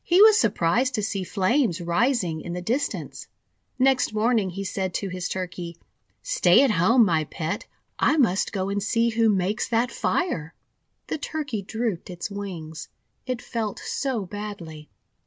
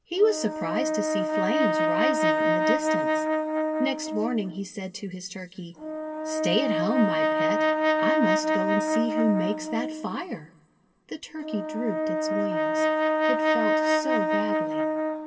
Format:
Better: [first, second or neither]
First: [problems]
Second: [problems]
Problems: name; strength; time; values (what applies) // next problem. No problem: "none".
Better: first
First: none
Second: background sound (Brass instrument); 4 dB above the speech // room echo; dies away in 1.3 s